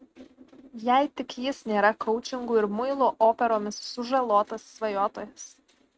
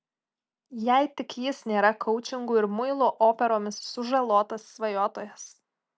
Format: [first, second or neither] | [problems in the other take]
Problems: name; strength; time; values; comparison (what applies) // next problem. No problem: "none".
second | noise reduction (neural mask model RNNoise)